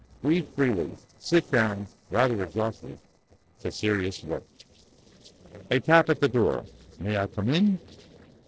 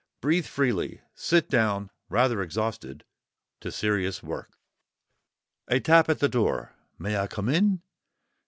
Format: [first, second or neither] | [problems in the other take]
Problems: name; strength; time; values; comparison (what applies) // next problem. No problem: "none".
second | noise reduction (neural separator model SepFormer DNS4)